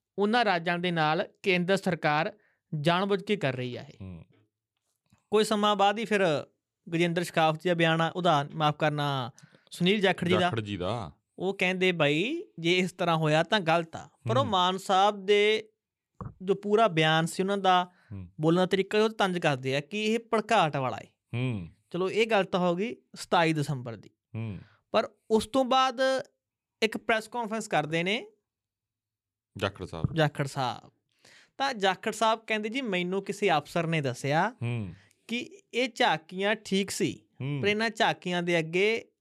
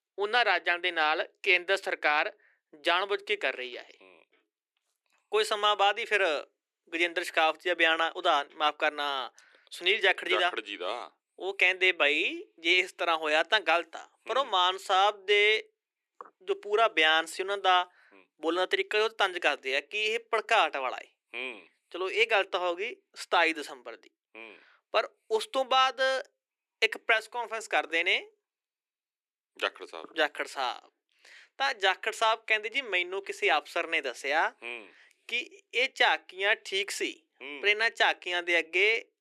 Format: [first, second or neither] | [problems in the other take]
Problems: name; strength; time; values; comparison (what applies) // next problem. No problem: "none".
first | thin; very; fading below 350 Hz